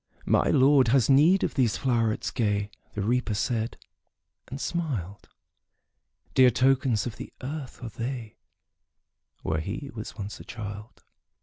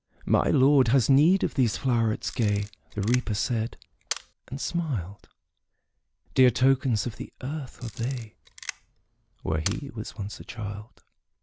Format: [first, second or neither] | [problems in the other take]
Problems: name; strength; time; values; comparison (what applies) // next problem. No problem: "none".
first | background sound (Camera); 15 dB below the speech